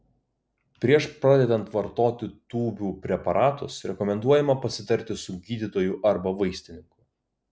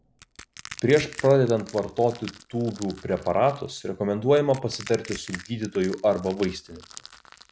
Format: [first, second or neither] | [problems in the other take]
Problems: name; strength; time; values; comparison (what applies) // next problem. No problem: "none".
first | background sound (Crushing); 19 dB below the speech